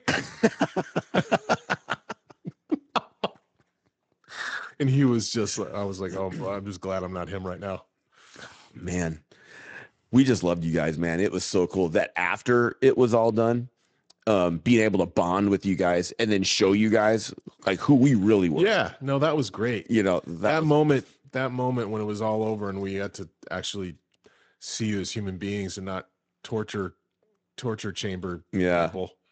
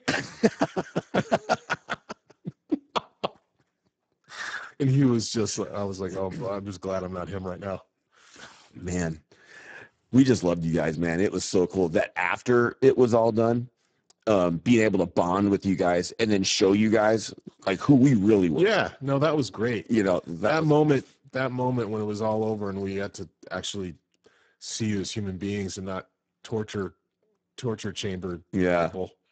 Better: first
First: garbled, watery; slightly; nothing above 7.5 kHz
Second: garbled, watery; badly; nothing above 7.5 kHz

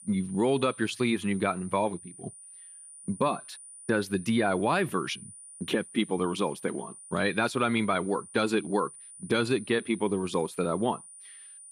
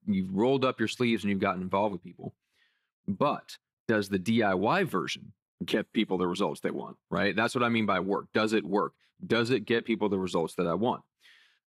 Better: second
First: high-pitched whine; noticeable; throughout; 9.5 kHz, 15 dB below the speech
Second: none

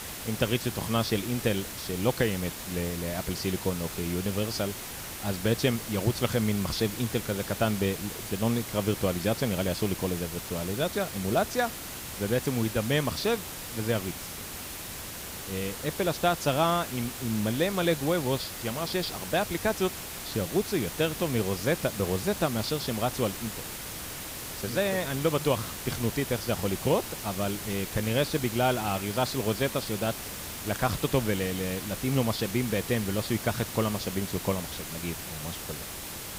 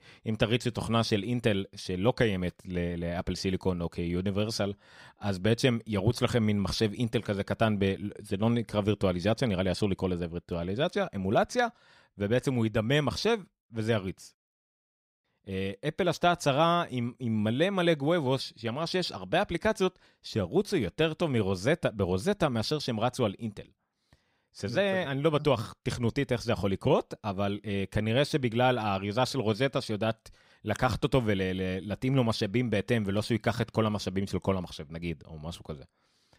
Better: second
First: hiss; loud; throughout; 7 dB below the speech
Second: none

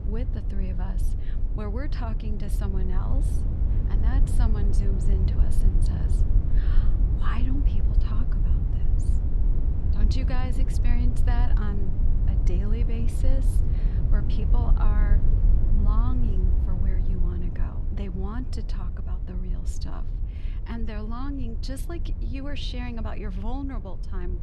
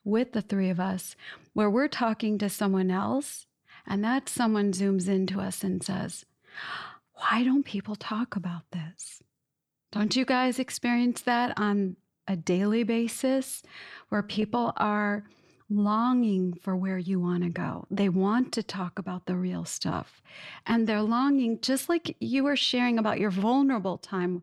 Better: second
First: low rumble; loud; throughout; 3 dB below the speech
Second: none

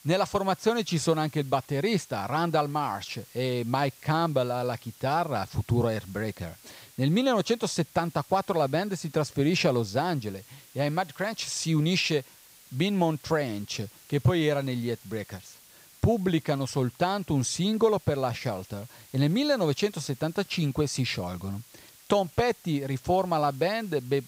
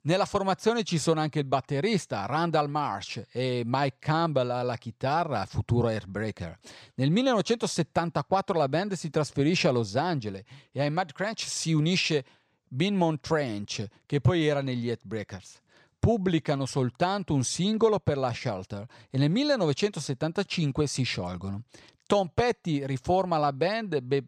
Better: second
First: hiss; faint; throughout; 25 dB below the speech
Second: none

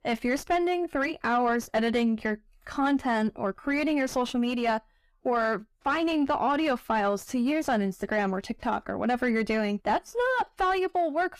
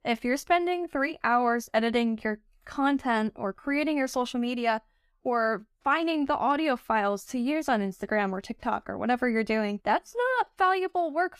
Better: second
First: distortion; slight; 10 dB below the speech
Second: none

